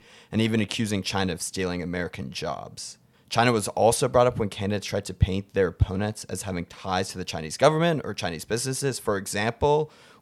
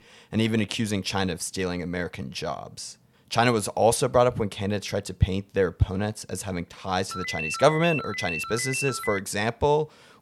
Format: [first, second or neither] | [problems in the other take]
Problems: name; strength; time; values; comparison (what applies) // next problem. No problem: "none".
first | phone ringing; noticeable; from 7 to 9 s; peak 4 dB below the speech